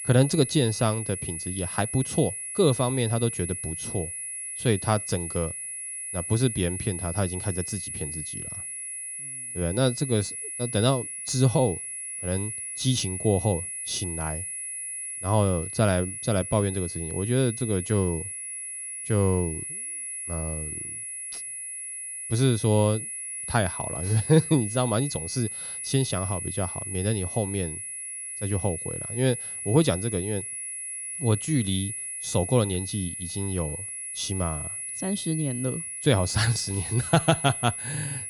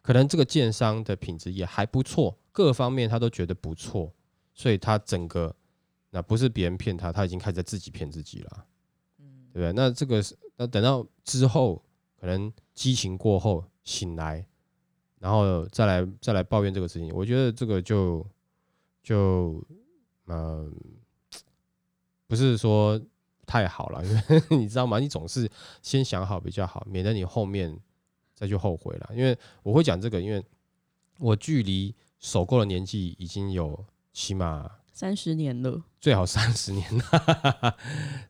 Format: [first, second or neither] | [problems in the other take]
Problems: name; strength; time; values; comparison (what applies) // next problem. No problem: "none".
second | high-pitched whine; loud; throughout; 10.5 kHz, 5 dB below the speech